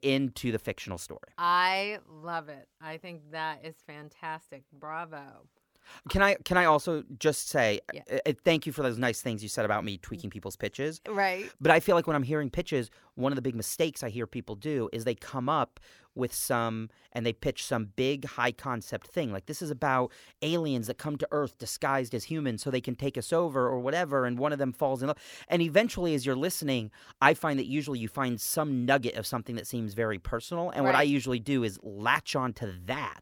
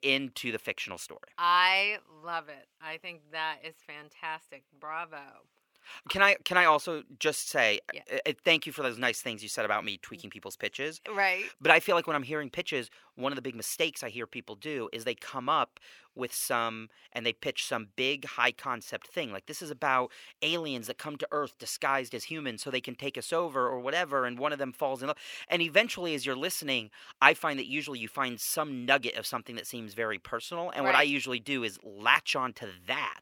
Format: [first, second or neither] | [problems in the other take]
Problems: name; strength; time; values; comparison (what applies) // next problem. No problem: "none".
first | thin; very slightly; fading below 900 Hz